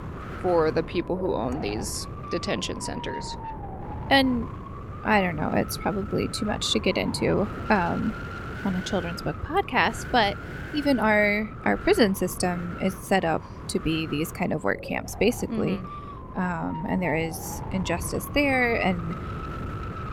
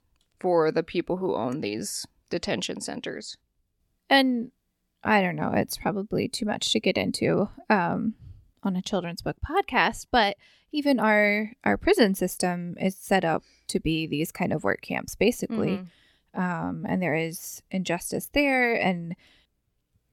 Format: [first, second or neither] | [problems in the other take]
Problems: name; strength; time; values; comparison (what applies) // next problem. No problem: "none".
second | wind noise on the microphone; occasional gusts; 10 dB below the speech